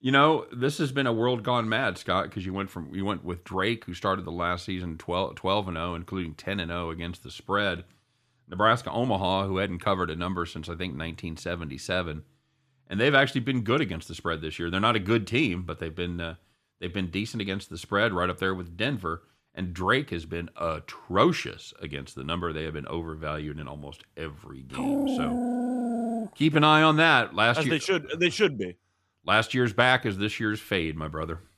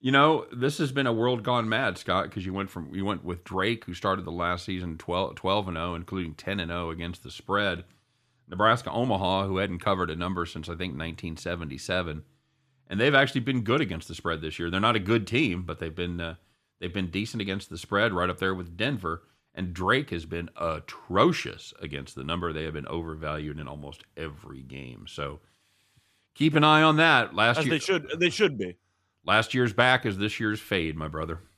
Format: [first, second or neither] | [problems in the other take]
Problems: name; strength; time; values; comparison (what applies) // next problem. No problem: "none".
second | dog barking; loud; from 25 to 26 s; peak level with the speech